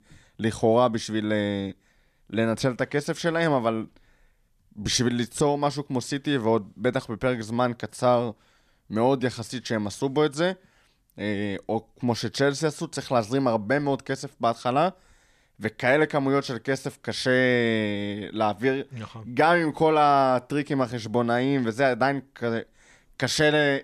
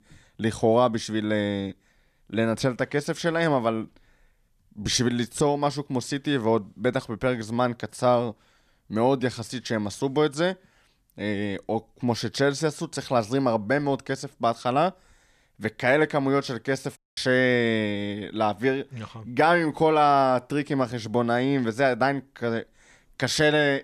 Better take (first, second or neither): first